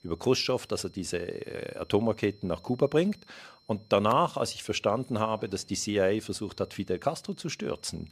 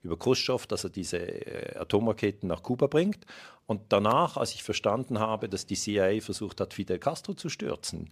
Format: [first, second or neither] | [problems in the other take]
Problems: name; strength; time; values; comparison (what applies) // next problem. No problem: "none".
second | high-pitched whine; faint; throughout; 4 kHz, 30 dB below the speech